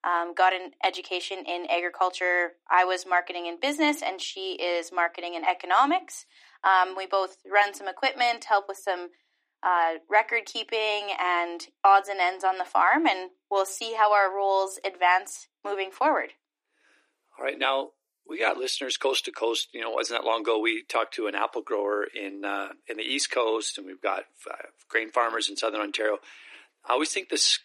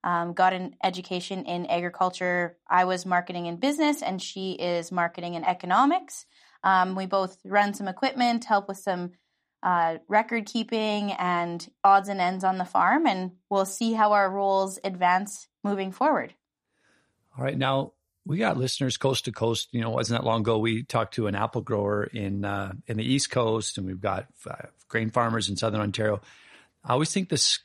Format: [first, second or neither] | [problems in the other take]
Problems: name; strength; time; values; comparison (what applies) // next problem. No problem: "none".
second | thin; somewhat; fading below 300 Hz